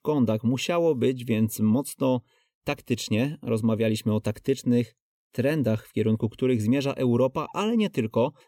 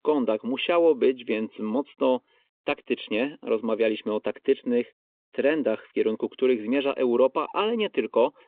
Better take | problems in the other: first | phone-call audio

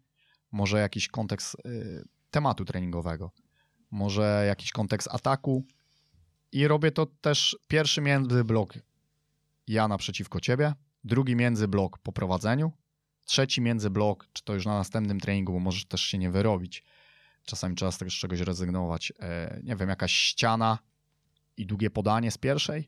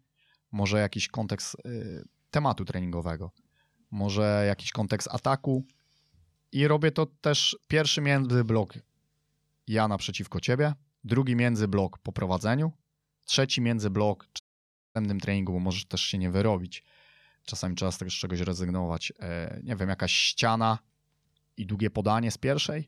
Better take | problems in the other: first | audio cutting out; at 14 s for 0.5 s

